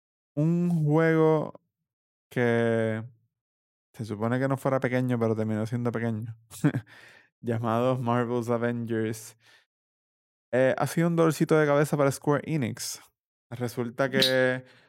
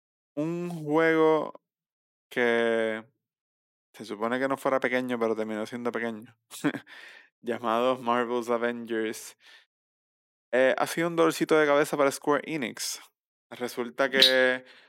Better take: first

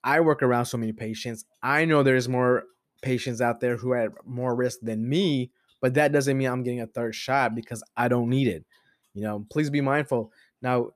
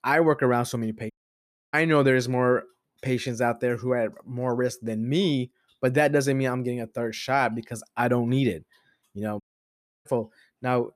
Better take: first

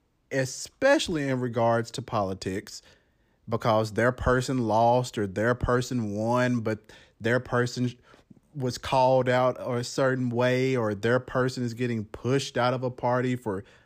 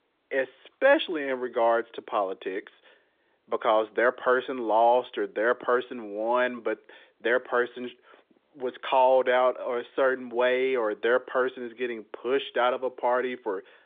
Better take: first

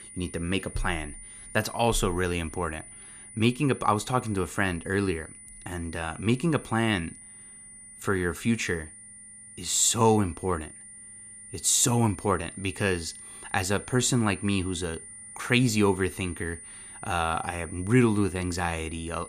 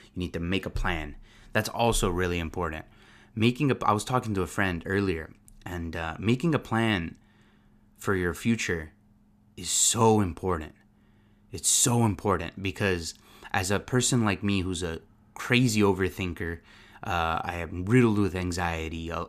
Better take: second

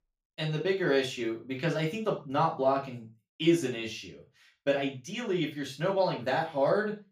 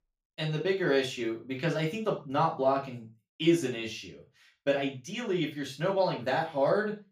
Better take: neither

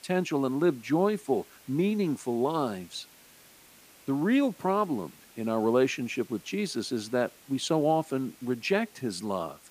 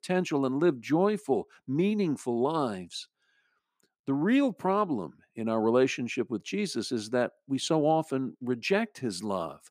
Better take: second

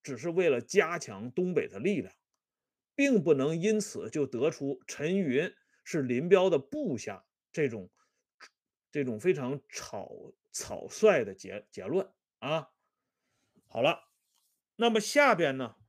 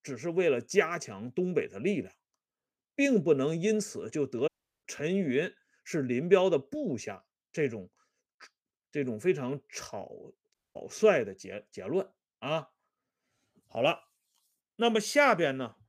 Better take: first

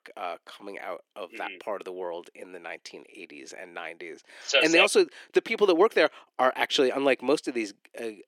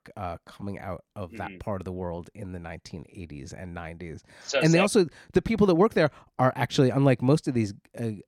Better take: second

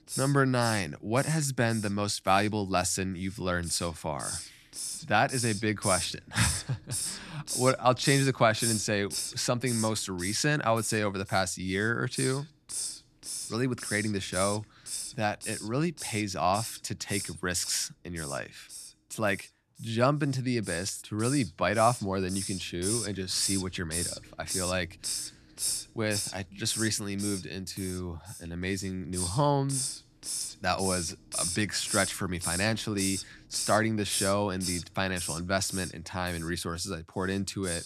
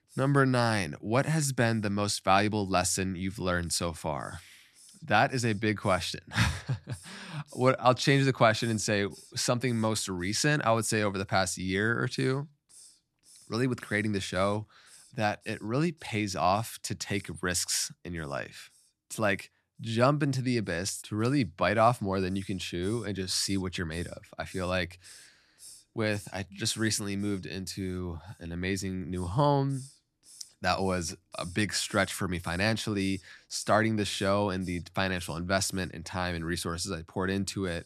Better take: second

